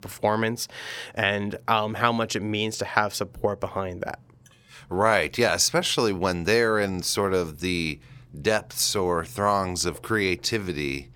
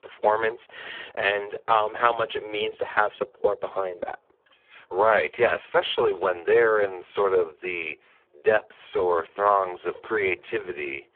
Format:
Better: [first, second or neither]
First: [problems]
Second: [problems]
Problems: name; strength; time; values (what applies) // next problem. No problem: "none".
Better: first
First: none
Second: phone-call audio; poor line